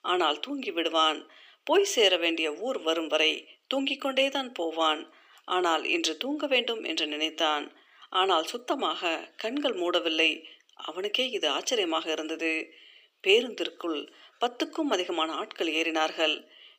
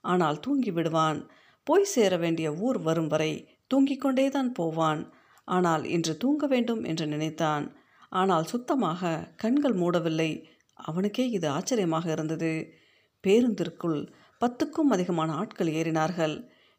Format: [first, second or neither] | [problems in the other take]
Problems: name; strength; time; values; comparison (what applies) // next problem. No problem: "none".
second | thin; somewhat; fading below 300 Hz